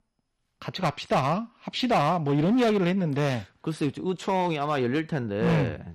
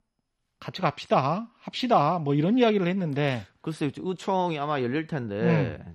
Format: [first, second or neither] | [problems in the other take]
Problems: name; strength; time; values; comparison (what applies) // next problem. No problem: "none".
second | distortion; slight; 8% of the sound clipped